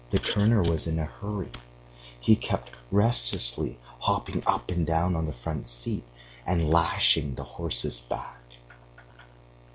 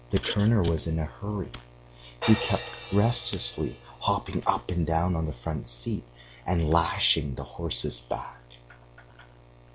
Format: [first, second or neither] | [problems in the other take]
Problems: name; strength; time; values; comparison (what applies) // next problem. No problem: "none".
first | background sound (Crash cymbal); 16 dB below the speech